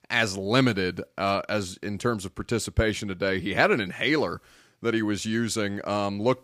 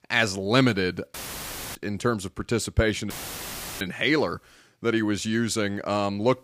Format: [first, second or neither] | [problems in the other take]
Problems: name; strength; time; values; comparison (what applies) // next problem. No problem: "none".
first | audio cutting out; filled with static; at 1 s for 0.5 s and at 3 s for 0.5 s